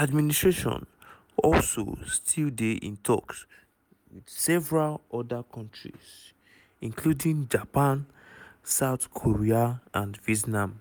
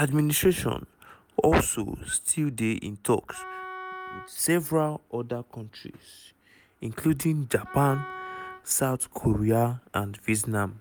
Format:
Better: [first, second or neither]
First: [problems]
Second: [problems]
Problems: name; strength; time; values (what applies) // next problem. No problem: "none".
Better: first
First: none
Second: background sound (Wind instrument, woodwind instrument); 14 dB below the speech